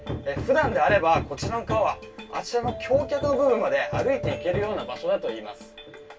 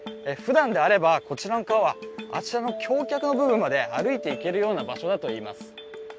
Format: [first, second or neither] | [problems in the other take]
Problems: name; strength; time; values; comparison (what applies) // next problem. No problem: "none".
second | background sound (Hammer); 10 dB below the speech // room echo; dies away in 0.2 s